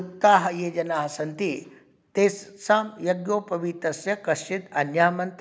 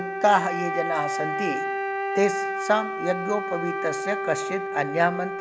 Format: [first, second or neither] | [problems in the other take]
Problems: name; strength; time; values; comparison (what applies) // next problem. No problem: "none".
first | background sound (Wind instrument, woodwind instrument); 2 dB below the speech